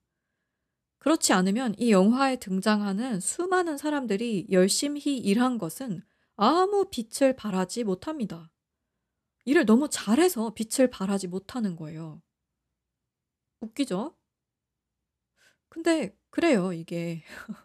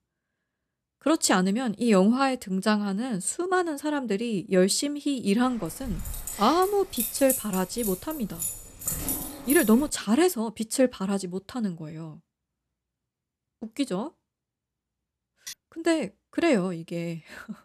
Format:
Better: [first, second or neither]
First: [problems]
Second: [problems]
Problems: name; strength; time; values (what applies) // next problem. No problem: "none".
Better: first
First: none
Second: jangling keys; noticeable; from 5.5 to 10 s; peak 1 dB below the speech // clattering dishes; faint; at 15 s; peak 15 dB below the speech